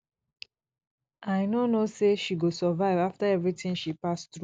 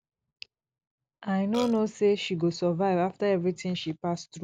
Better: first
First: none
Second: background sound (Burping, eructation); 11 dB below the speech

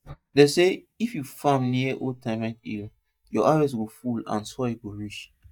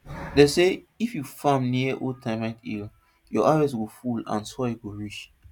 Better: second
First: noise reduction (neural mask model DeepFilterNet 3)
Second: none

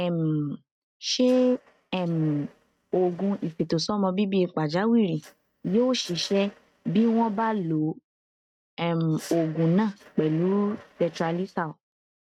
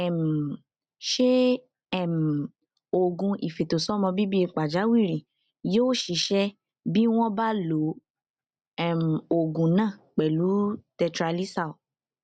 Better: second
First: noise reduction (neural mask model RNNoise)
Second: none

